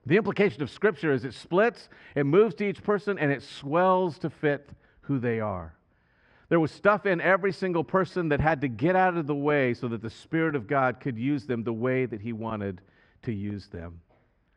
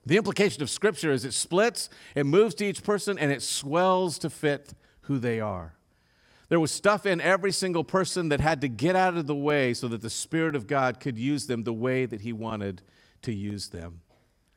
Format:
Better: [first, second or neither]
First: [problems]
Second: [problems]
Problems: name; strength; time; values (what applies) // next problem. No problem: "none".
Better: second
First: muffled; very; fading above 2 kHz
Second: none